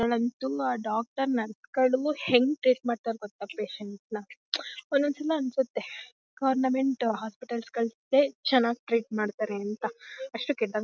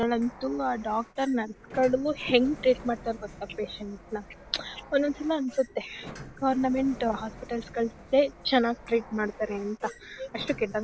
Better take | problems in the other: first | background sound (Sliding door); 17 dB below the speech

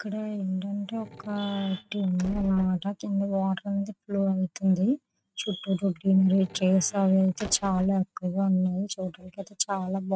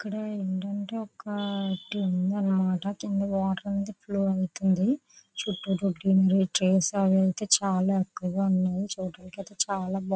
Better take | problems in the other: second | noise reduction (neural mask model RNNoise)

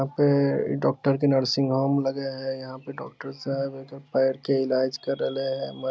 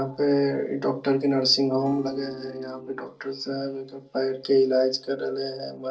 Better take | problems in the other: first | noise reduction (neural separator model SepFormer DNS4)

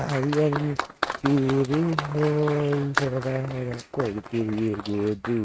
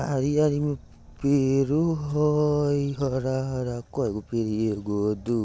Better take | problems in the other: second | noise reduction (neural mask model RNNoise)

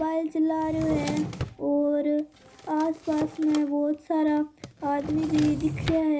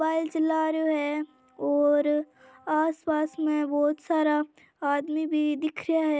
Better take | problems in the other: second | background sound (Drawer open or close); 11 dB below the speech // room echo; dies away in 0.5 s

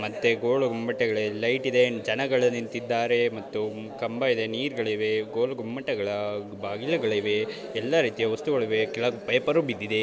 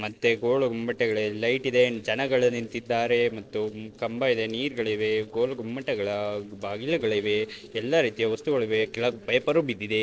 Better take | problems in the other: first | noise reduction (neural separator model SepFormer DNS4)

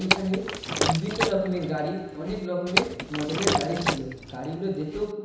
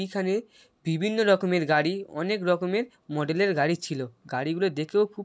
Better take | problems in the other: second | background sound (Liquid); as loud as the speech // room echo; dies away in 1 s

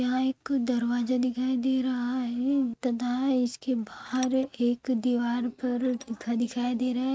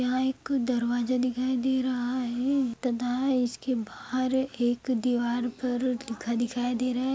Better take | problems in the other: second | noise reduction (neural mask model RNNoise)

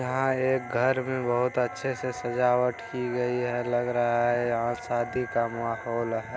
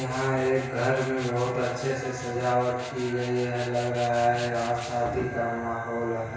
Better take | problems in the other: first | background sound (Tools); 17 dB below the speech // room echo; dies away in 1.1 s

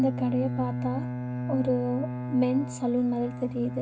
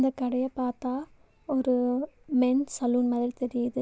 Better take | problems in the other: second | background sound (Bowed string instrument); 5 dB below the speech // room echo; dies away in 0.4 s

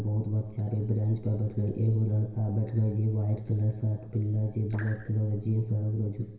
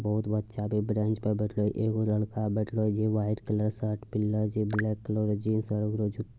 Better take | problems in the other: second | room echo; dies away in 1 s

